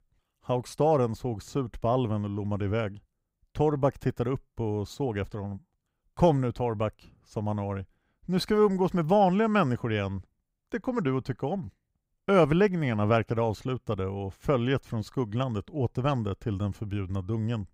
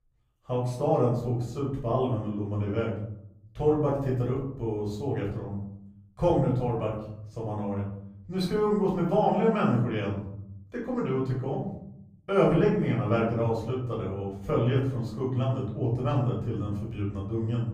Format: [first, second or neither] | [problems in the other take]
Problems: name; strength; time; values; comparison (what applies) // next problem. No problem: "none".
first | off-mic speech; far // room echo; noticeable; dies away in 0.8 s